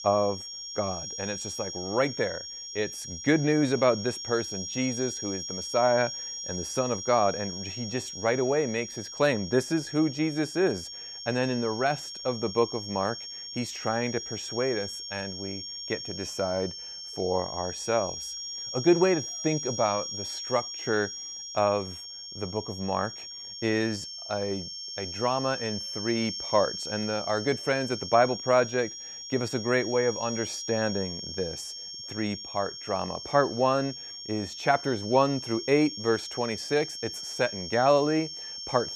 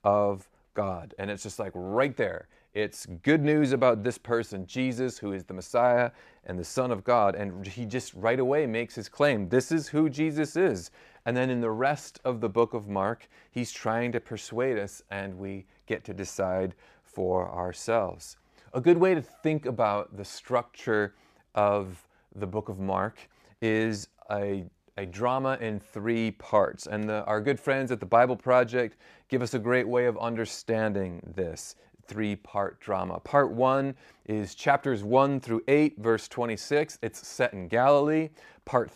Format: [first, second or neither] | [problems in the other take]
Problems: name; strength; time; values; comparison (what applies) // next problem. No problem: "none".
second | high-pitched whine; loud; throughout; 5.5 kHz, 7 dB below the speech